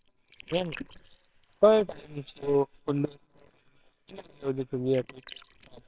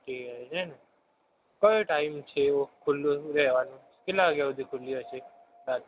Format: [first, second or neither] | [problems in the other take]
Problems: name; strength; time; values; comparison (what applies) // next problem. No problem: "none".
second | noise reduction (neural separator model SepFormer WHAMR!)